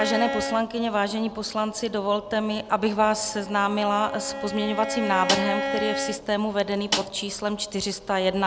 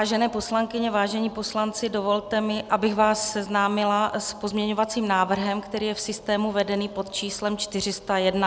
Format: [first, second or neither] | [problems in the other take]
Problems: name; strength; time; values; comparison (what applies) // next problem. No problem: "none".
second | background sound (Bowed string instrument + Snare drum); 7 dB below the speech